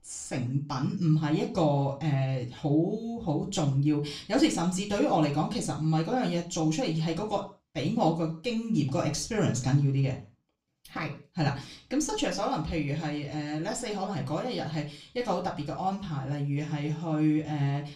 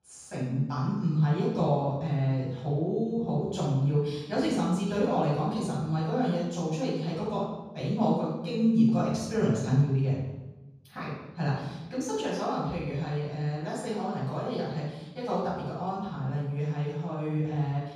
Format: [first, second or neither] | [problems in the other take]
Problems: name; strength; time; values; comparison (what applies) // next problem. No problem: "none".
first | room echo; strong; dies away in 1.2 s; slight in the first // off-mic speech; far; far in the first